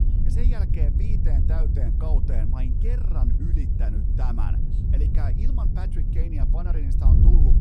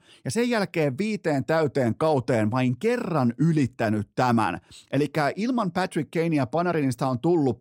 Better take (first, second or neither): second